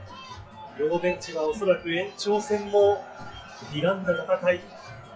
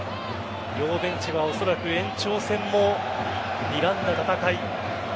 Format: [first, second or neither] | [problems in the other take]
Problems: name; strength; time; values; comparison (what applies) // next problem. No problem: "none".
second | noise reduction (classical method WPE with log-MMSE)